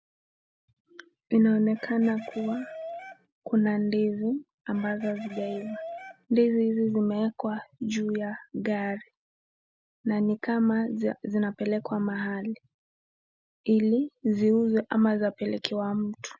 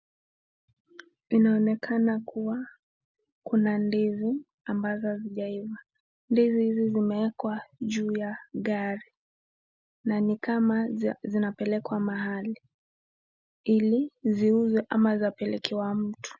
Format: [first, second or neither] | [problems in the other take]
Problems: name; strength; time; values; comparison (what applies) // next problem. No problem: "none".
second | background sound (Chicken, rooster); 17 dB below the speech